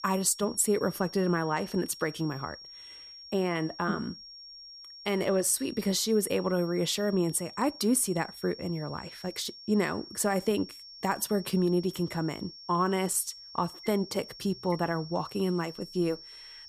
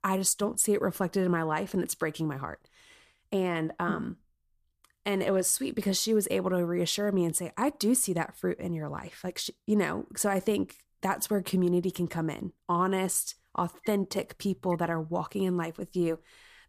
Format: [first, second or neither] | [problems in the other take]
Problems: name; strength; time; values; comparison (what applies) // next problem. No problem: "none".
second | high-pitched whine; noticeable; throughout; 5.5 kHz, 15 dB below the speech